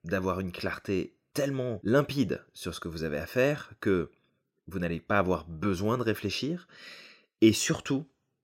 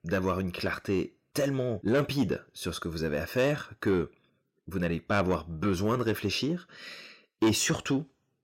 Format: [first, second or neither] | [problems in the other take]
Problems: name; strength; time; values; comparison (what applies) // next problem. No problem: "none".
first | distortion; slight; 10 dB below the speech